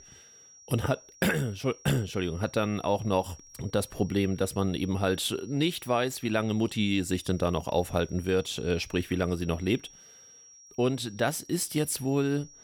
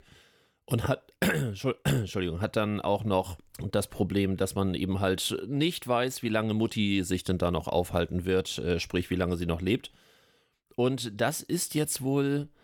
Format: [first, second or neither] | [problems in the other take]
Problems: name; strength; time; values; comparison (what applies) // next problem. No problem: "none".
second | high-pitched whine; faint; throughout; 5.5 kHz, 20 dB below the speech